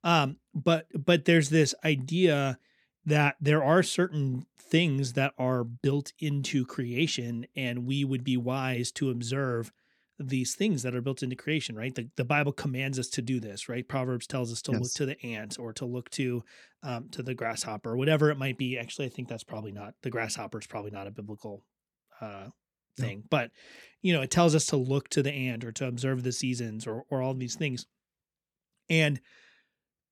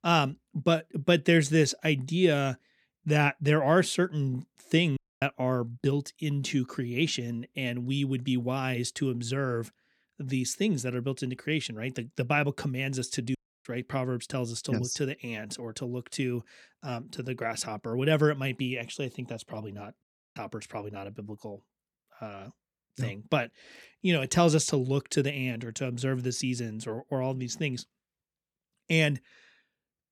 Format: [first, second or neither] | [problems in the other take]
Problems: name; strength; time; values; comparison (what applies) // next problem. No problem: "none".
first | audio cutting out; at 5 s, at 13 s and at 20 s